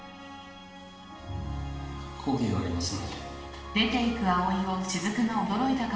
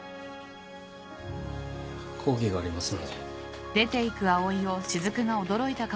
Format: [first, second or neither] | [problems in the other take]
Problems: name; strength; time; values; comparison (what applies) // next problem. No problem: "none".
second | room echo; dies away in 1.1 s